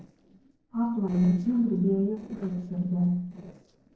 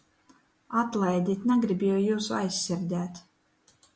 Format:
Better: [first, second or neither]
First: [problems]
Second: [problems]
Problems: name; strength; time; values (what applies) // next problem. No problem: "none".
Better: second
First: noise reduction (neural separator model SepFormer DNS4)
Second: none